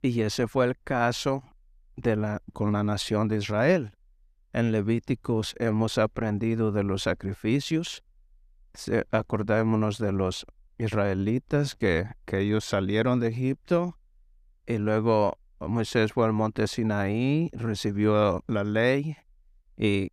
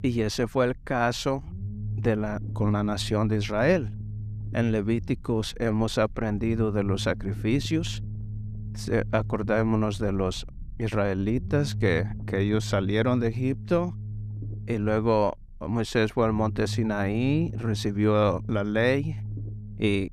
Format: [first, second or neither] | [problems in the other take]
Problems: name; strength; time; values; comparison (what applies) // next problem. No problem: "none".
first | low rumble; faint; throughout; 20 dB below the speech